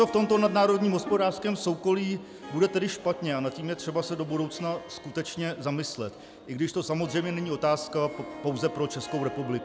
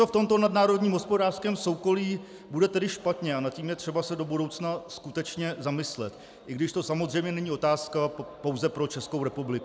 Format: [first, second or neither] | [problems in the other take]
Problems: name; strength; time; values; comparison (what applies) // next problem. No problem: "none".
second | background sound (Harp + Bowed string instrument); 15 dB below the speech